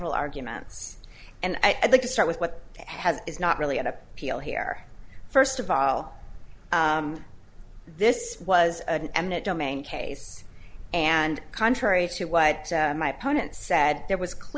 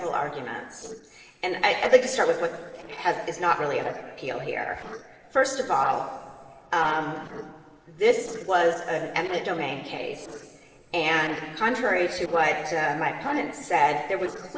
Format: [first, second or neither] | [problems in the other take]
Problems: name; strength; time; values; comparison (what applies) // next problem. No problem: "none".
first | noise reduction (neural separator model SepFormer DNS4)